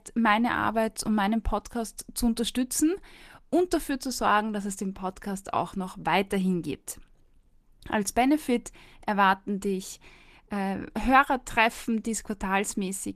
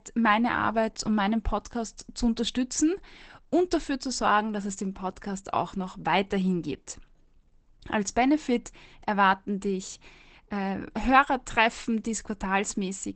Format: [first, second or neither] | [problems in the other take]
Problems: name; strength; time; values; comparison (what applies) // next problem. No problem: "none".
first | garbled, watery; badly; nothing above 8 kHz; slightly in the first